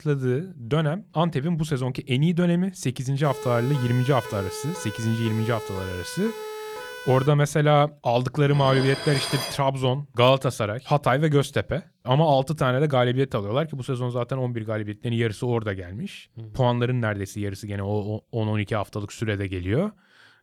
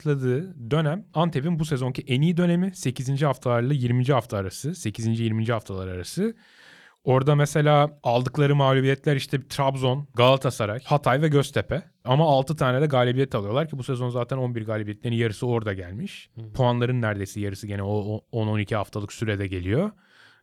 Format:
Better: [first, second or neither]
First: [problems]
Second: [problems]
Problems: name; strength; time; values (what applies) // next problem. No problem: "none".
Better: second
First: siren; faint; from 3 to 7.5 s; peak 10 dB below the speech // clattering dishes; noticeable; from 8.5 to 9.5 s; peak 3 dB below the speech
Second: none